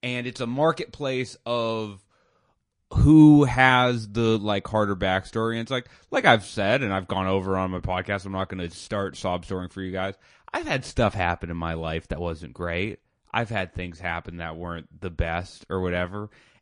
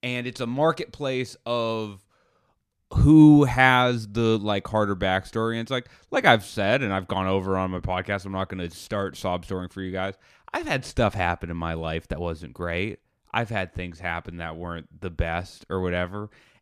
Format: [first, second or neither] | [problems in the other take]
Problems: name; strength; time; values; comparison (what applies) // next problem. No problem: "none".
second | garbled, watery; slightly; nothing above 10.5 kHz